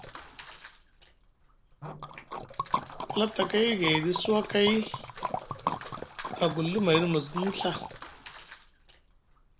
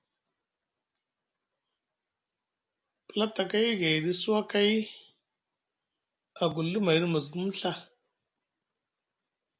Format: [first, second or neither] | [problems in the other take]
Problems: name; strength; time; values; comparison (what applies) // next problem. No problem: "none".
second | background sound (Liquid); 7 dB below the speech